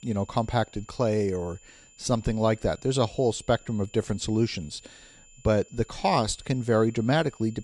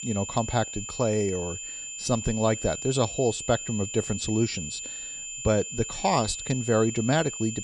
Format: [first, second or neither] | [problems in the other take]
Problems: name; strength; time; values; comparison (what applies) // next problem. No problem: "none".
first | high-pitched whine; loud; throughout; 7 kHz, 7 dB below the speech; faint in the first